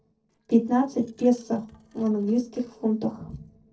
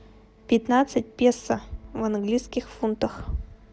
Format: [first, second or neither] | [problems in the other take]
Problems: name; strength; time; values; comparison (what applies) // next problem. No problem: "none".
second | noise reduction (neural separator model SepFormer DNS4)